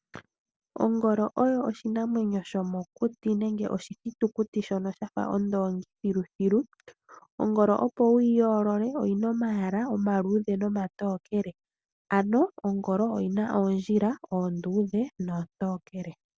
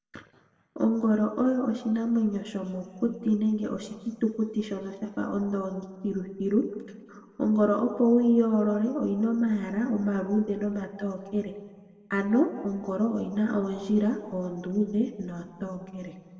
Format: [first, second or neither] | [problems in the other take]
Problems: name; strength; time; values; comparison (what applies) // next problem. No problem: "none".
first | room echo; dies away in 1.4 s